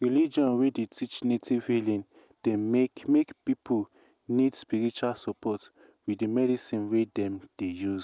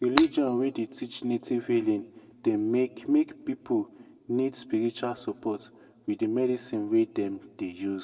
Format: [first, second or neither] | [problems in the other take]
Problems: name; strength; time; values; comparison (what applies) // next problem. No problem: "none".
first | background sound (Shatter); 5 dB below the speech // room echo; dies away in 1 s